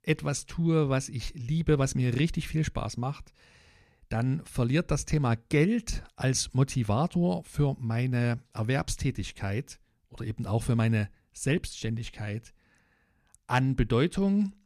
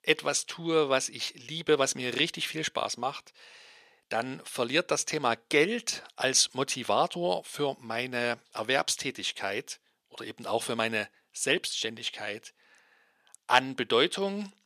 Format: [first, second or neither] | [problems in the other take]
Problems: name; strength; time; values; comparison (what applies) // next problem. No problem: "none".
first | thin; very; fading below 550 Hz